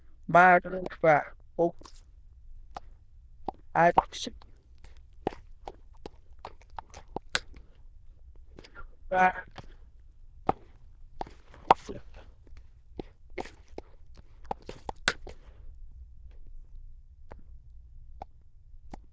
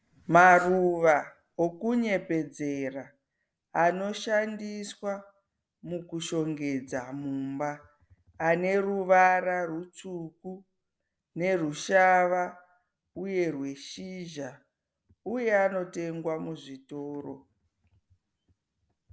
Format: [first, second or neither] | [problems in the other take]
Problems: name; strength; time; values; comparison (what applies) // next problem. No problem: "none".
second | noise reduction (neural diffusion model UNIVERSE++)